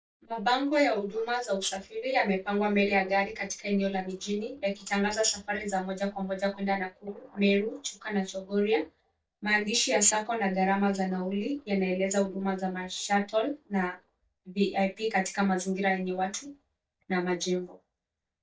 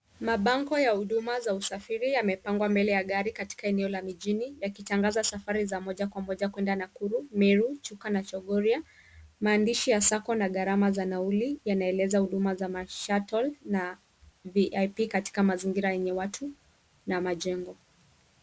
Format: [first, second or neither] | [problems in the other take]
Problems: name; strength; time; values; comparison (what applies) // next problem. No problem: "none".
second | noise reduction (neural mask model DeepFilterNet 3)